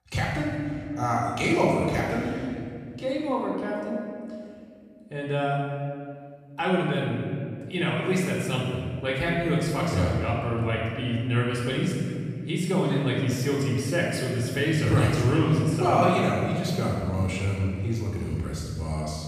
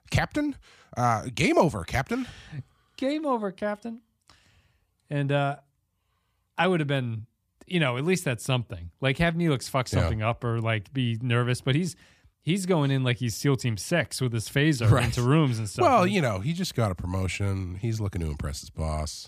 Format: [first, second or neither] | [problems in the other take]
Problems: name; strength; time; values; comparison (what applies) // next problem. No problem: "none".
second | room echo; noticeable; dies away in 1.9 s // off-mic speech; far